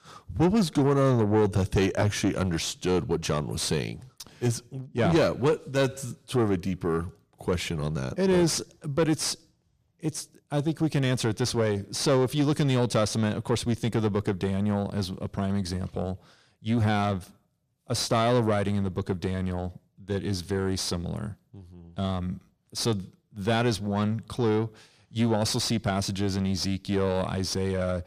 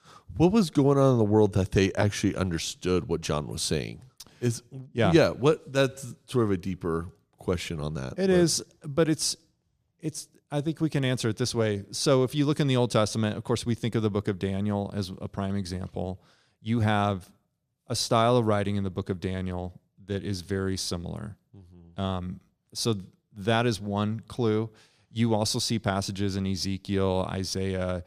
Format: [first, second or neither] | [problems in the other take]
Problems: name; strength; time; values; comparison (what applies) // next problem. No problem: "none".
second | distortion; slight; 10 dB below the speech